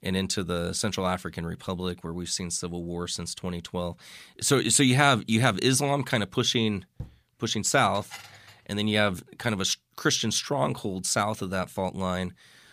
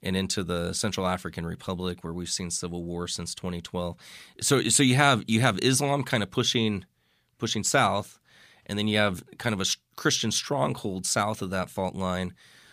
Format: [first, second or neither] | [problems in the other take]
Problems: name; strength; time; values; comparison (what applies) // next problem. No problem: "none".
second | door banging; faint; at 7 s; peak 20 dB below the speech // clattering dishes; faint; at 8 s; peak 15 dB below the speech